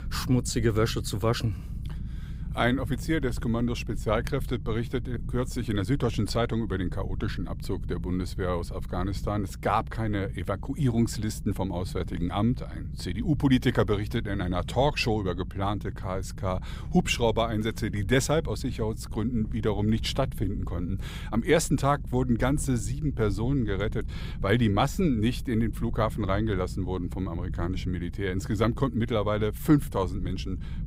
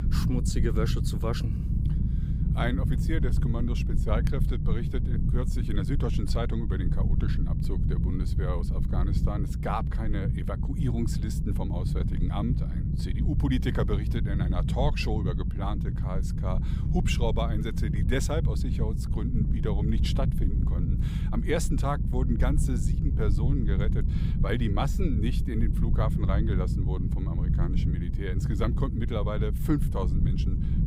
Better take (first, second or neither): first